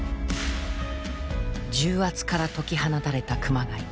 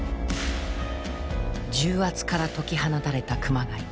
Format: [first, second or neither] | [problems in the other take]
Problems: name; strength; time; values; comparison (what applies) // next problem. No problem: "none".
first | background sound (Brass instrument); 14 dB below the speech